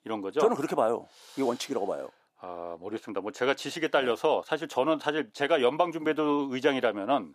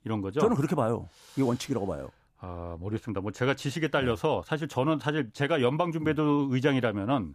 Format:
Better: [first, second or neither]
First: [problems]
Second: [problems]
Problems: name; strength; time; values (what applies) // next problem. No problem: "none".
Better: second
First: thin; somewhat; fading below 400 Hz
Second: none